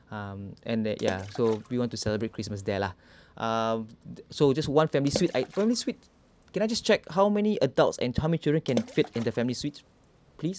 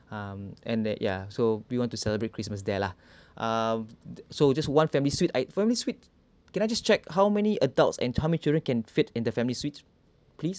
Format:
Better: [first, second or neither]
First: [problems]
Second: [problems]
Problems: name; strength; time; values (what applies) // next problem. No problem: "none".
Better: second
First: background sound (Water / Splash, splatter); 13 dB below the speech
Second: none